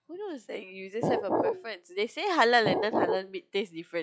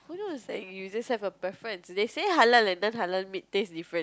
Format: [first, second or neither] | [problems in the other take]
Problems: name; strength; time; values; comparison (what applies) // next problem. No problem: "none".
second | noise reduction (classical method log-MMSE)